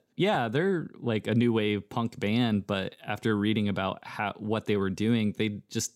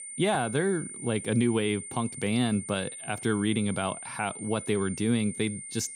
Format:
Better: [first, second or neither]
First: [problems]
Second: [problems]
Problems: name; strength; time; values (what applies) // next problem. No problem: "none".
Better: first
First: none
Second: high-pitched whine; loud; throughout; 9 kHz, 9 dB below the speech